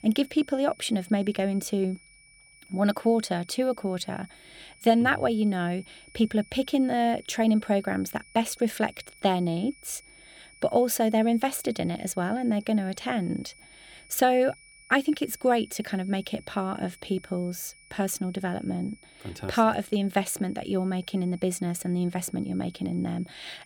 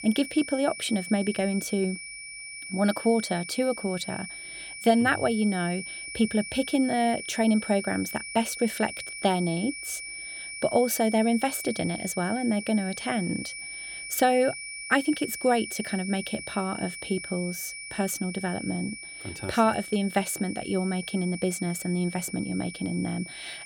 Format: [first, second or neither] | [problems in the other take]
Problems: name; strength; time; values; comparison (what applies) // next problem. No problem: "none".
first | high-pitched whine; loud; throughout; 2.5 kHz, 9 dB below the speech; faint in the first